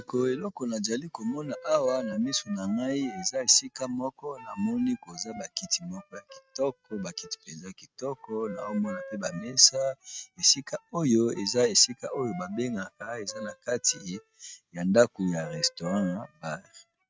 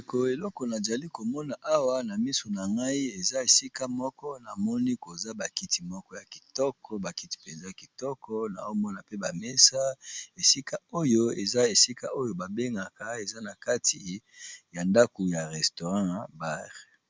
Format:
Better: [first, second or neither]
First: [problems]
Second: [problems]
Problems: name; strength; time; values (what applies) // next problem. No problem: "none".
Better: second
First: noise reduction (neural mask model RNNoise)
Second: none